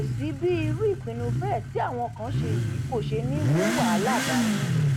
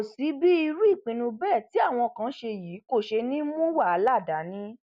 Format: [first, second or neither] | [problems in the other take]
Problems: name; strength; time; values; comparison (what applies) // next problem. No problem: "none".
second | background sound (Motorcycle / Accelerating, revving, vroom); 4 dB above the speech